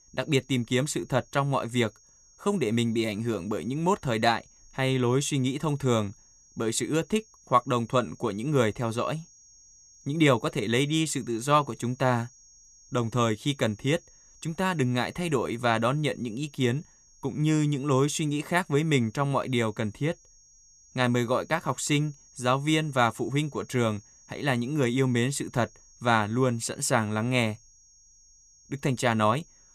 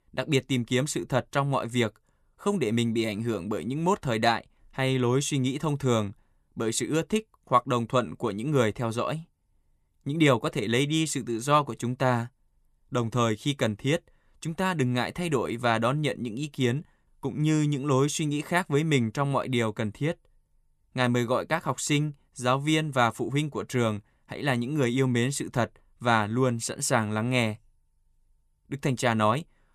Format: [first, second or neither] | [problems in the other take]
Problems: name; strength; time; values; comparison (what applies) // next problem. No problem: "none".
second | high-pitched whine; faint; throughout; 6.5 kHz, 25 dB below the speech